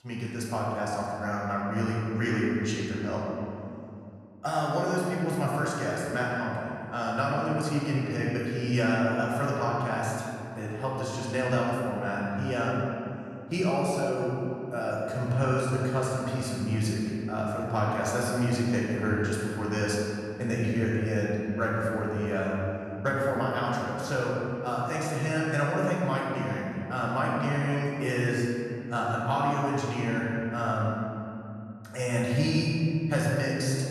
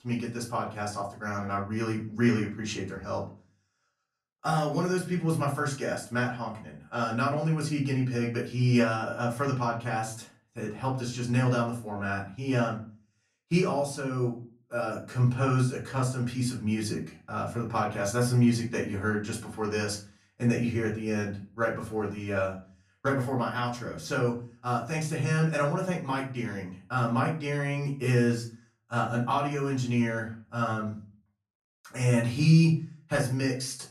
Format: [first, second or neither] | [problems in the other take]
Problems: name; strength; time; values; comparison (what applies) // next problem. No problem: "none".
second | room echo; strong; dies away in 2.4 s; slight in the second // off-mic speech; far; far in the second